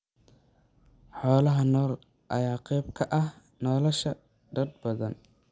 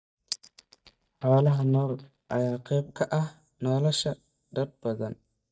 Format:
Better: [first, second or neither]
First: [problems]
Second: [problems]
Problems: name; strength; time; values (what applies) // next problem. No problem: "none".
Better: first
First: none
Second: noise reduction (neural mask model DeepFilterNet 3)